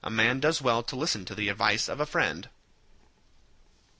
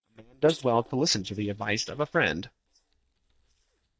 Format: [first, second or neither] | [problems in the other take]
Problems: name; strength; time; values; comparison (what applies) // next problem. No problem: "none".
first | noise reduction (neural mask model DeepFilterNet 3)